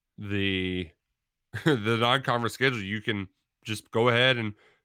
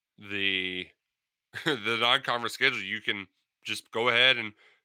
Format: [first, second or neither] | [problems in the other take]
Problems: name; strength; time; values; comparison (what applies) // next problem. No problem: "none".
first | thin; somewhat; fading below 1 kHz